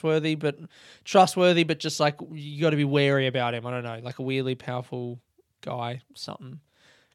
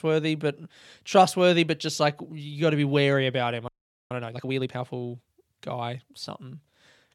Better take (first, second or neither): first